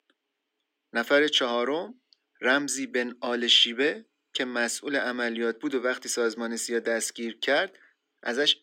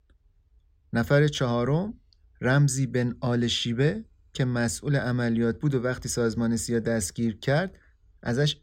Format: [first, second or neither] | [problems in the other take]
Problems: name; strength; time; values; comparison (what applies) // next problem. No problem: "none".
second | thin; somewhat; fading below 250 Hz